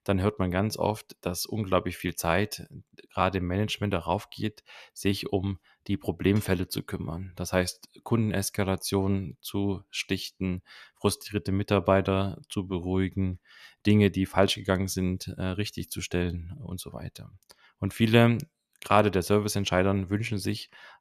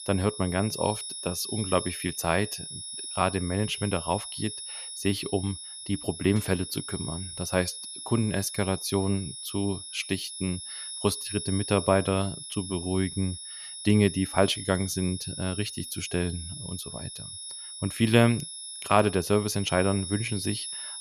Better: first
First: none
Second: high-pitched whine; loud; throughout; 10 kHz, 8 dB below the speech

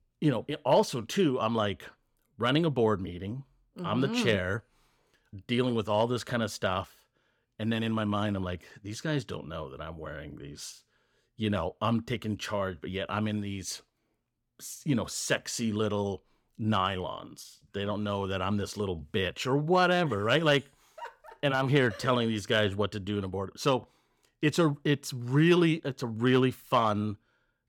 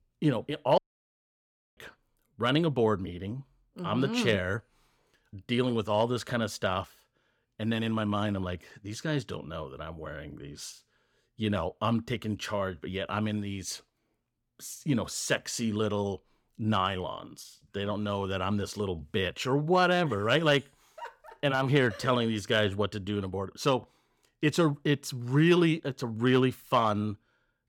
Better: first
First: none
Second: audio cutting out; at 1 s for 1 s

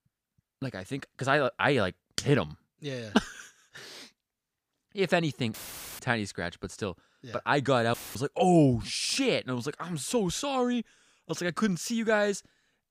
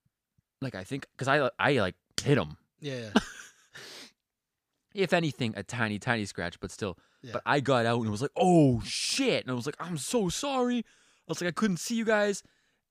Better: second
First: audio cutting out; filled with static; at 5.5 s and at 8 s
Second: none

